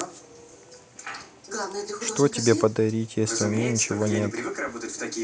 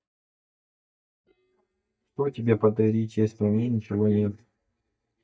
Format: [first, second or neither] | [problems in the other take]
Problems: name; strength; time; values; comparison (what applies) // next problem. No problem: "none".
first | noise reduction (neural mask model DeepFilterNet 3)